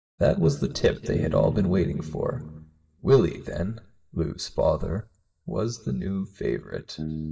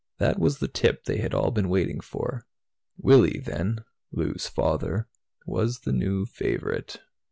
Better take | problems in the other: second | noise reduction (neural mask model DeepFilterNet 3)

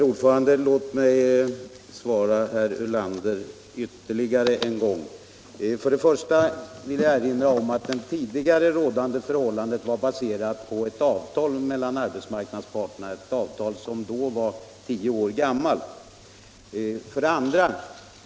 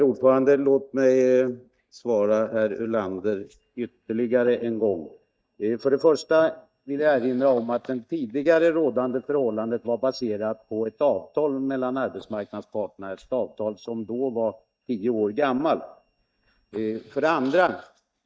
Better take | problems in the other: first | noise reduction (neural mask model DeepFilterNet 3)

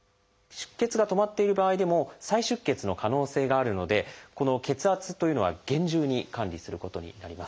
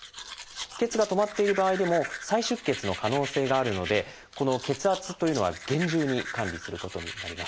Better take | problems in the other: first | background sound (Domestic sounds, home sounds); 11 dB below the speech

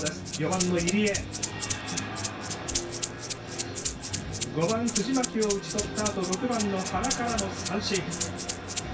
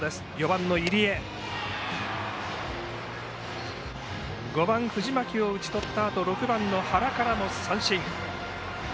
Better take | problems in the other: second | background sound (Rattle (instrument)); 5 dB below the speech // room echo; dies away in 0.2 s

